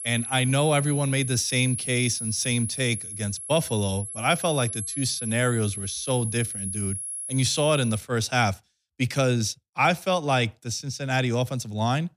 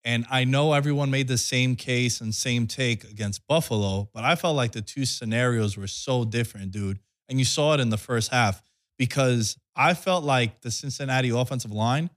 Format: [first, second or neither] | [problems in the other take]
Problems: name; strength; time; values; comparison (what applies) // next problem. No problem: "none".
second | high-pitched whine; loud; until 8 s; 10.5 kHz, 6 dB below the speech